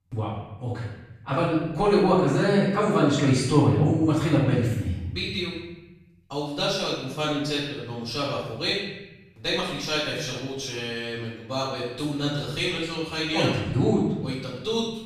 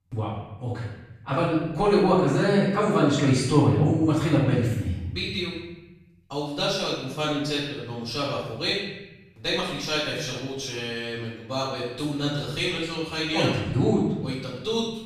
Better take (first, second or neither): neither